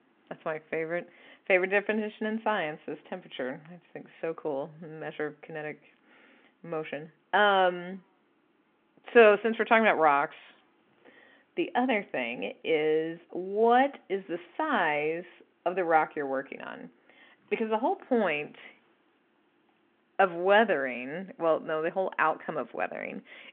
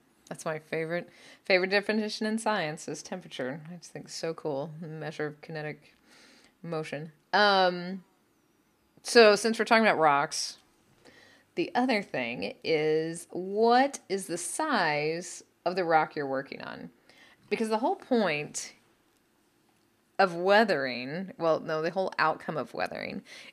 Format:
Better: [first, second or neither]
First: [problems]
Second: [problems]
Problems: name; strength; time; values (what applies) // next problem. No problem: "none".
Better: second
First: phone-call audio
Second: none